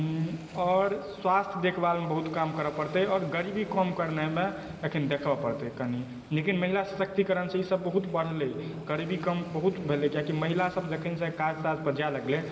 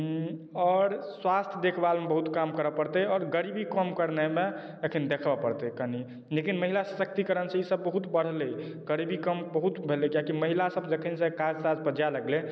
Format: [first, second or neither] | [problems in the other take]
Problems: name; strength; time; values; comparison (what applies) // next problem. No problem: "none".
second | background sound (Waves, surf); 19 dB below the speech // room echo; dies away in 0.5 s